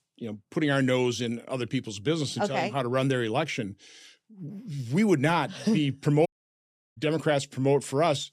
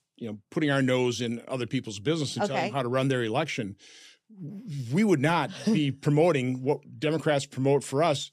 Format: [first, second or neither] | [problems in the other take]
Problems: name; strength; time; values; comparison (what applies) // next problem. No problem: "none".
second | audio cutting out; at 6.5 s for 0.5 s